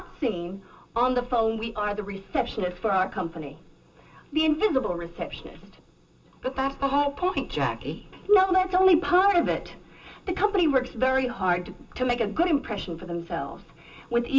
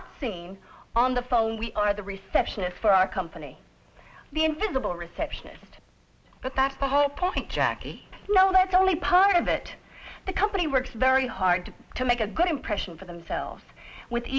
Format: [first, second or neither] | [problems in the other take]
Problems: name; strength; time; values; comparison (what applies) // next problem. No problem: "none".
second | room echo; dies away in 0.2 s